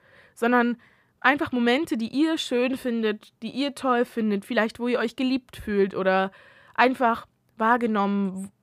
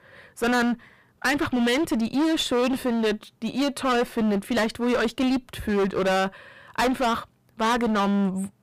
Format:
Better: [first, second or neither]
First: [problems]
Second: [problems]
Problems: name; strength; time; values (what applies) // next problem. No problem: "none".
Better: first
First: none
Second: distortion; heavy; 22% of the sound clipped